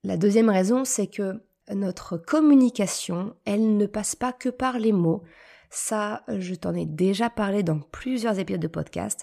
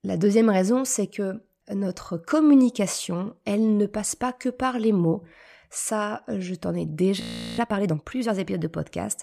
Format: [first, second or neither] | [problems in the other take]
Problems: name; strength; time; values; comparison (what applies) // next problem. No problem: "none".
first | audio freezing; at 7 s